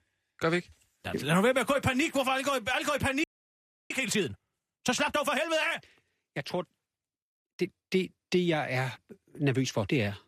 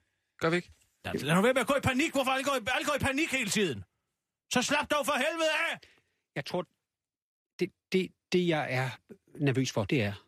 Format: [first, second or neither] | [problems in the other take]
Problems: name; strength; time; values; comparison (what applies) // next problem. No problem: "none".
second | audio freezing; at 3 s for 0.5 s